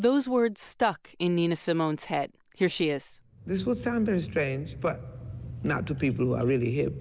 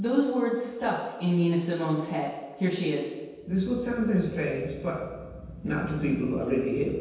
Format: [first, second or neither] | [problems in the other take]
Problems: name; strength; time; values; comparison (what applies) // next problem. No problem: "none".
first | room echo; dies away in 1.2 s